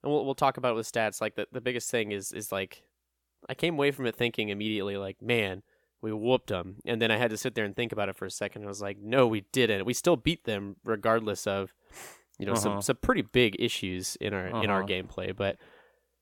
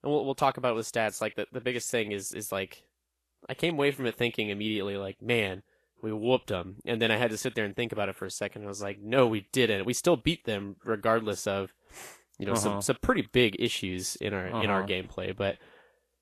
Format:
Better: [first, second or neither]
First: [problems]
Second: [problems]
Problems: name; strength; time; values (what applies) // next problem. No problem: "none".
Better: first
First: none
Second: garbled, watery; slightly; nothing above 12.5 kHz